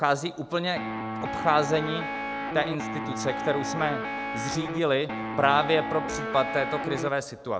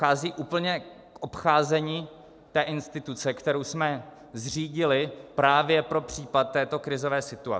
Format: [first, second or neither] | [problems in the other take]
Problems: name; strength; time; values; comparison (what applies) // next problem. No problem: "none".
second | background sound (Guitar); 4 dB below the speech